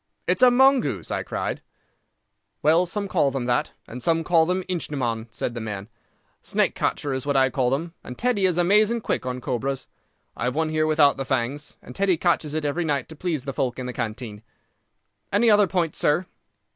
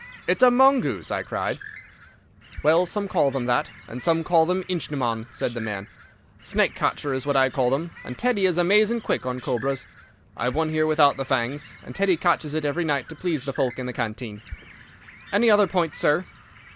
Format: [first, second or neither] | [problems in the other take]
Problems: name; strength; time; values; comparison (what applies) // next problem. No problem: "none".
first | background sound (Bird); 20 dB below the speech